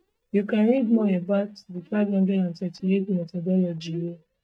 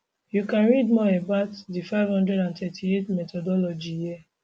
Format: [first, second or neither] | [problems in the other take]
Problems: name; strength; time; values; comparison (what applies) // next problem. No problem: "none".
second | noise reduction (neural mask model DeepFilterNet 3)